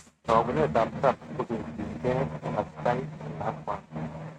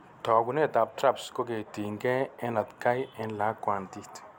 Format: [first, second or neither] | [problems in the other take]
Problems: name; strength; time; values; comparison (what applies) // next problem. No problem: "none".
second | noise reduction (neural mask model RNNoise)